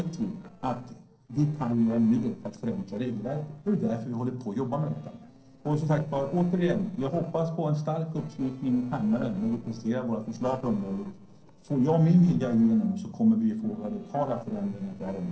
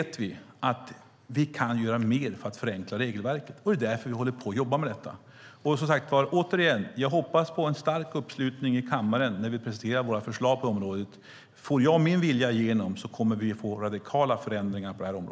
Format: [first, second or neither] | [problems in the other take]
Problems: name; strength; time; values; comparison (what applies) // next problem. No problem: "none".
second | noise reduction (neural separator model SepFormer DNS4)